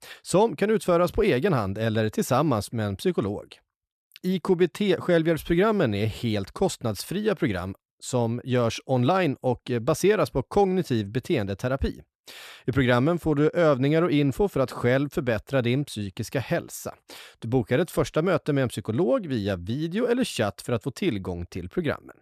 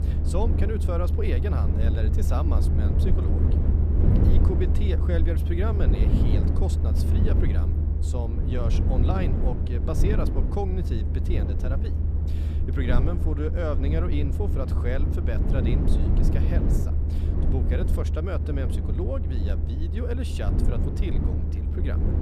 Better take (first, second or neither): first